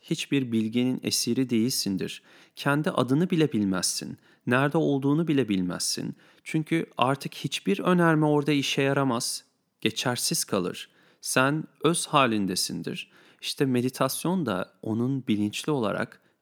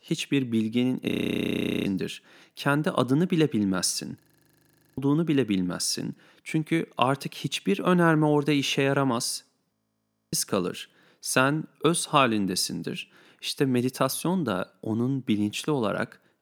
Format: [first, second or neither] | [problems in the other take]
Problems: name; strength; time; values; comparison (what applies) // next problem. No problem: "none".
first | audio freezing; at 1 s for 1 s, at 4 s for 1 s and at 9.5 s for 0.5 s